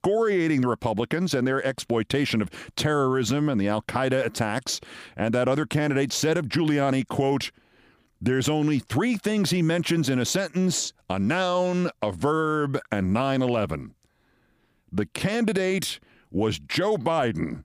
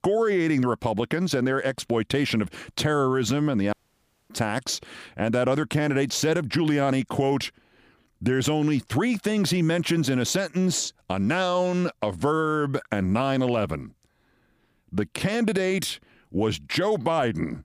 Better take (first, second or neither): first